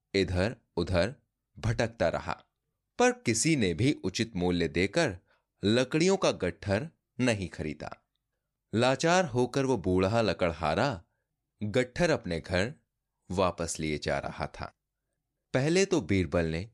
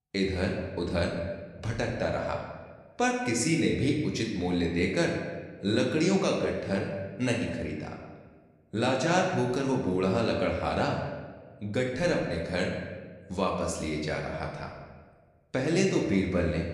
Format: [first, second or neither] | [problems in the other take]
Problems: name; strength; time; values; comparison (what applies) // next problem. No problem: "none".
first | room echo; noticeable; dies away in 1.1 s // off-mic speech; somewhat distant